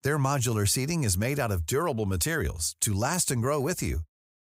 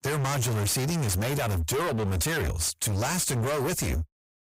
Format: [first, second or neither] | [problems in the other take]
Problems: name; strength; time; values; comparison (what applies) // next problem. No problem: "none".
first | distortion; heavy; 45% of the sound clipped